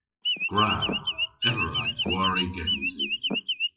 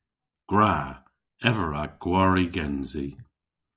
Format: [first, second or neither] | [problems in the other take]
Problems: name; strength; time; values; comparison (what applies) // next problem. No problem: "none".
second | noise reduction (classical method WPE with log-MMSE)